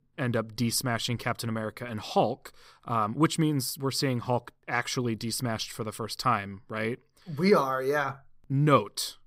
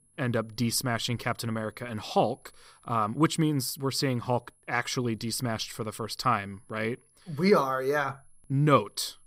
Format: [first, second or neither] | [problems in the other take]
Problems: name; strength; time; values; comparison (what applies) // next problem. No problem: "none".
first | high-pitched whine; faint; throughout; 10.5 kHz, 35 dB below the speech